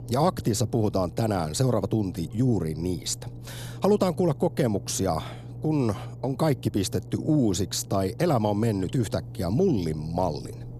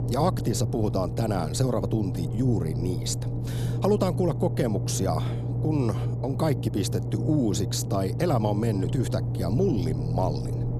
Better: first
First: low rumble; faint; throughout; 20 dB below the speech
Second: low rumble; loud; throughout; 9 dB below the speech

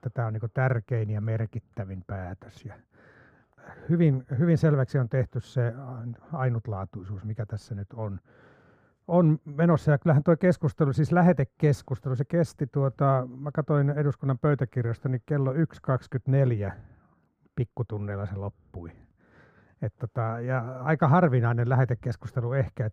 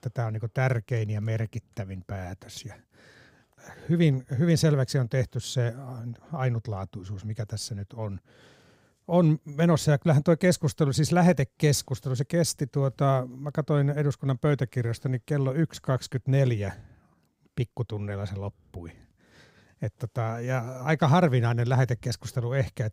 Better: second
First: muffled; very; fading above 2.5 kHz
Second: none

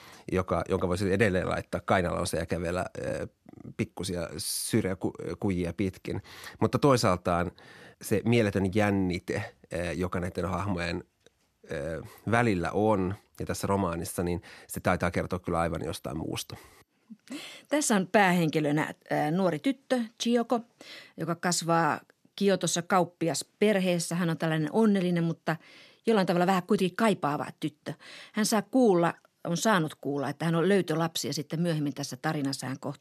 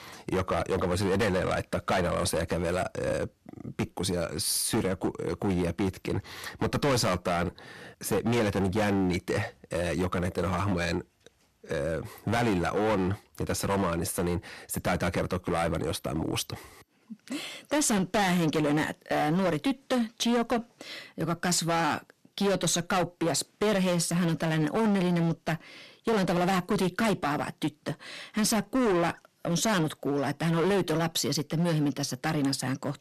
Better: first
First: none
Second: distortion; heavy; 15% of the sound clipped

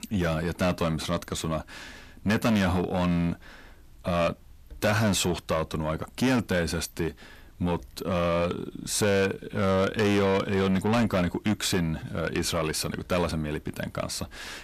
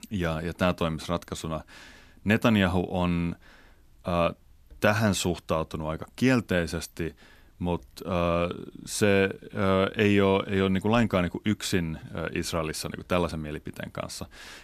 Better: second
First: distortion; heavy; 7 dB below the speech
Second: none

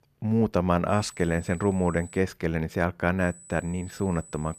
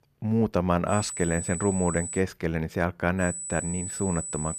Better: first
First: high-pitched whine; faint; from 1 to 2 s and from 3 s on; 8 kHz, 20 dB below the speech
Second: high-pitched whine; loud; from 1 to 2 s and from 3 s on; 8 kHz, 6 dB below the speech

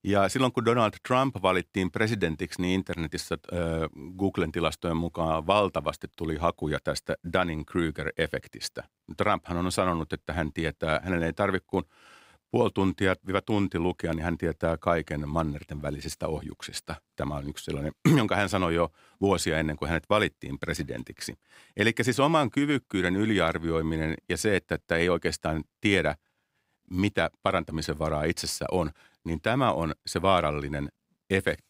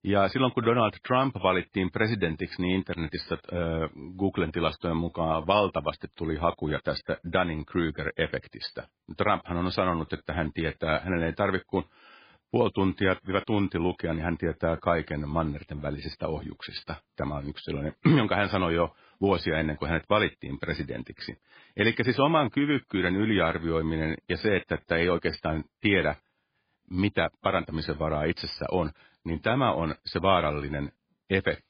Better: first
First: none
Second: garbled, watery; badly; nothing above 4.5 kHz

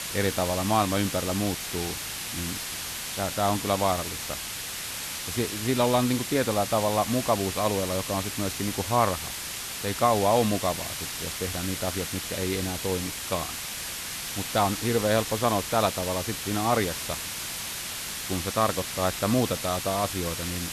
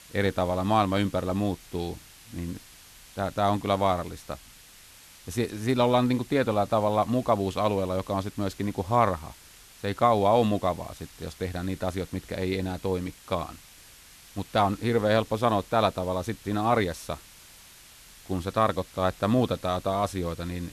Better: second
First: hiss; loud; throughout; 4 dB below the speech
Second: hiss; faint; throughout; 20 dB below the speech

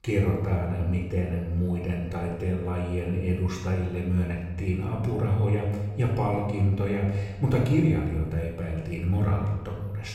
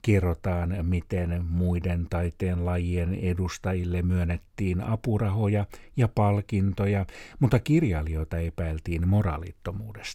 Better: second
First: off-mic speech; somewhat distant // room echo; noticeable; dies away in 1 s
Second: none

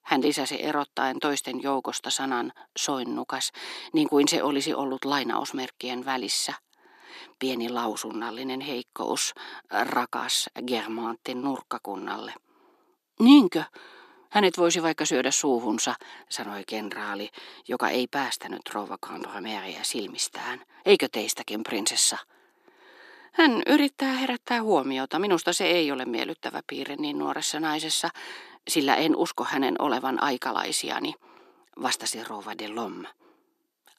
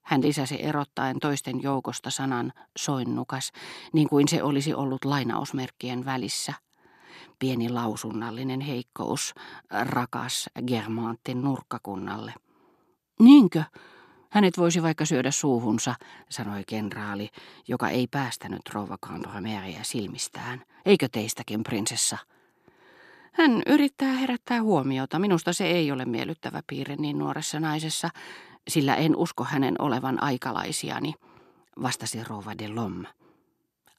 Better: second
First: thin; very slightly; fading below 300 Hz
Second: none

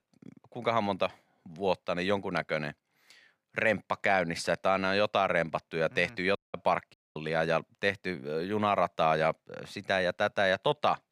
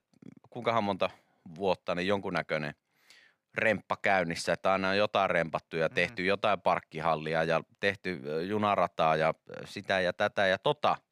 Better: second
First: audio cutting out; at 6.5 s and at 7 s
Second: none

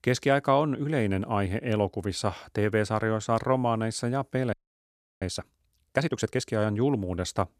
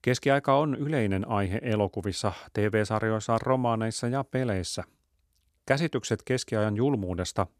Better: second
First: audio freezing; at 4.5 s for 0.5 s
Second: none

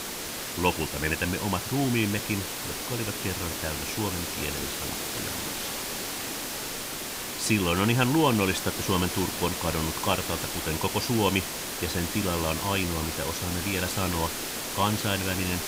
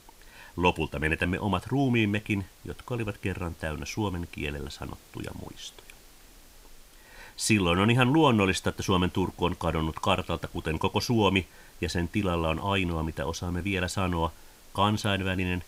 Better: second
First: hiss; loud; throughout; 3 dB below the speech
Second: hiss; faint; throughout; 25 dB below the speech

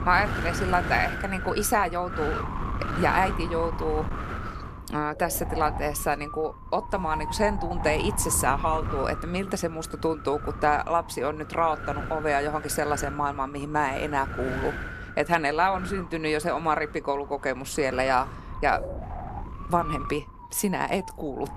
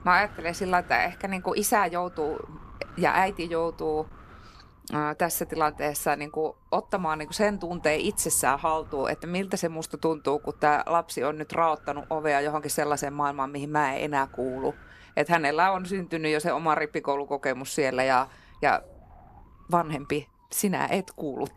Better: second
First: wind noise on the microphone; heavy; 9 dB below the speech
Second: wind noise on the microphone; occasional gusts; 25 dB below the speech

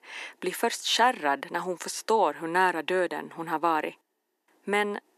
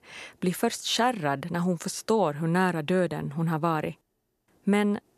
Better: second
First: thin; very; fading below 300 Hz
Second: none

